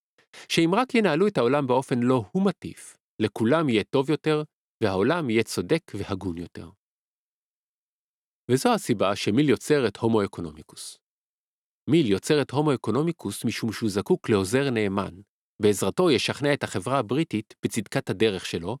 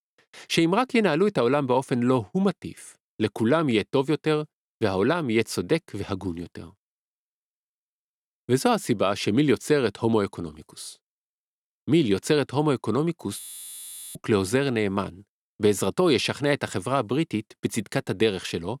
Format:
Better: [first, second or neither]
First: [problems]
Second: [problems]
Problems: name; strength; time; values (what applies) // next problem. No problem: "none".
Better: first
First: none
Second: audio freezing; at 13 s for 1 s